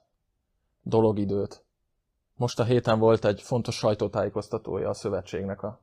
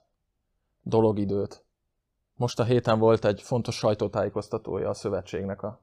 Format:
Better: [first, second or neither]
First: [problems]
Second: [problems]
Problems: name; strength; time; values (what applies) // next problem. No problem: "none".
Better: second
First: garbled, watery; slightly; nothing above 15 kHz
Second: none